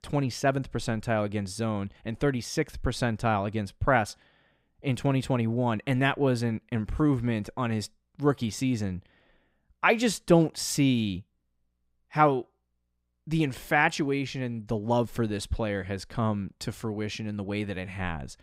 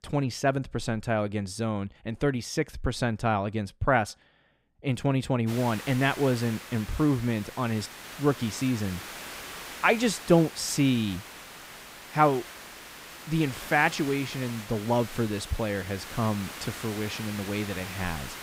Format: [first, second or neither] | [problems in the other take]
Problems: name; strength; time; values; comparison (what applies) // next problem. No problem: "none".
first | hiss; noticeable; from 5.5 s on; 10 dB below the speech